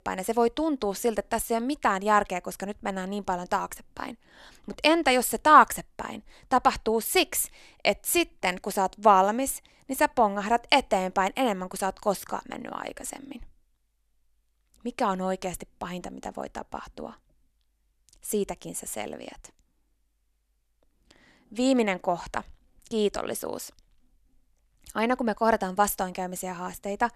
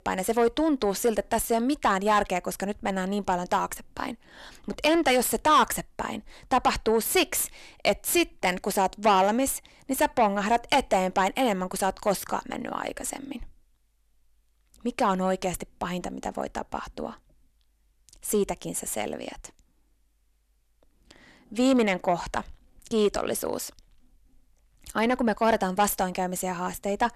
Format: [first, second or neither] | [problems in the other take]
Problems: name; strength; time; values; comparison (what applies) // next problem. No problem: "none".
first | distortion; heavy; 8 dB below the speech